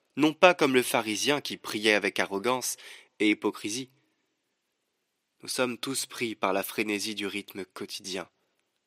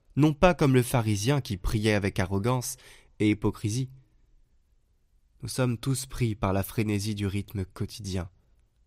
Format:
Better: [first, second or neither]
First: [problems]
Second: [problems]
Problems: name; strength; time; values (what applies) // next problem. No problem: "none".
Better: second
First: thin; somewhat; fading below 300 Hz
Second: none